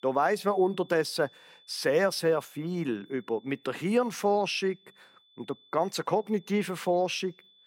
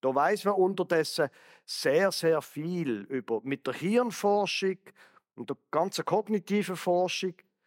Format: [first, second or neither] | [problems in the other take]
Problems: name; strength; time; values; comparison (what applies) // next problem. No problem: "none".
second | high-pitched whine; faint; throughout; 3.5 kHz, 30 dB below the speech